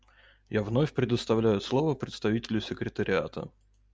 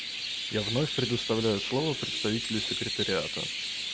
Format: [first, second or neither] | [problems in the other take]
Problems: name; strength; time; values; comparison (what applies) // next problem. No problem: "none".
first | background sound (Chirp, tweet); 2 dB below the speech